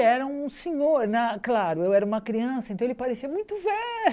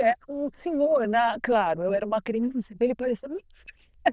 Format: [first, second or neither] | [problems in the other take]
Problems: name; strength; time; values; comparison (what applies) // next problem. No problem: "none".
first | noise reduction (neural diffusion model UNIVERSE++)